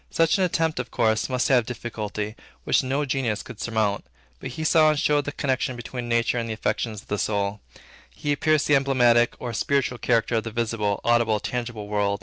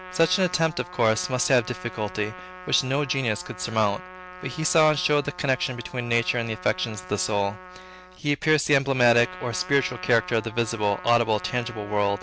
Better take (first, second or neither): first